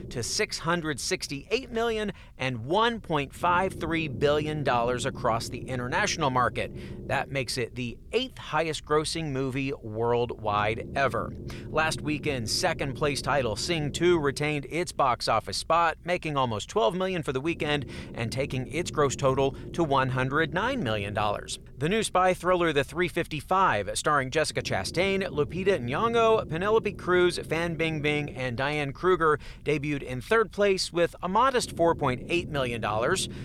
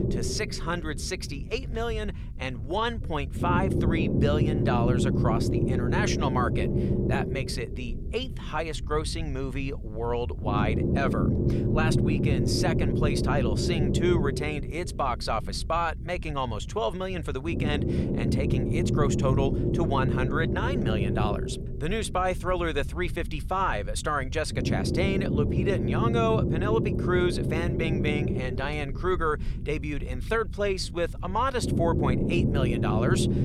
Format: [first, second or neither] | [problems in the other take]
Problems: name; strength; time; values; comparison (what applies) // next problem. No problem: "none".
first | low rumble; loud; throughout; 3 dB below the speech; faint in the first